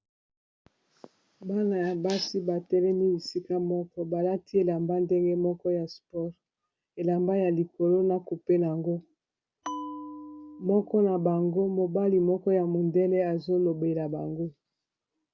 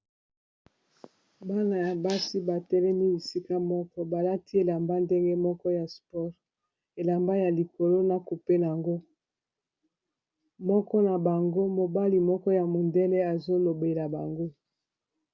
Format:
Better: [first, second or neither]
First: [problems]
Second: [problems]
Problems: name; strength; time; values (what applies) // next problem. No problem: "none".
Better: second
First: background sound (Bell); 15 dB below the speech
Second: none